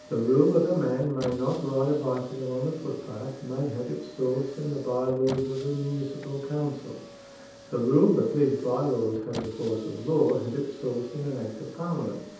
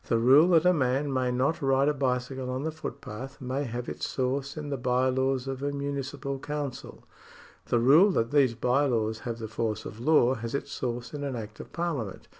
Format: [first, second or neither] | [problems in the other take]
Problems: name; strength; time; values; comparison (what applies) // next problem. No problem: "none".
second | background sound (Squeak); 18 dB below the speech // room echo; dies away in 0.8 s